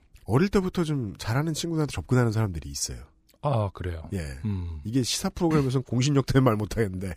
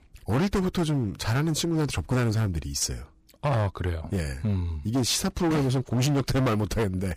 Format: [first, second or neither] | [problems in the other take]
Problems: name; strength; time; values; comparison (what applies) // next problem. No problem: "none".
first | distortion; heavy; 18% of the sound clipped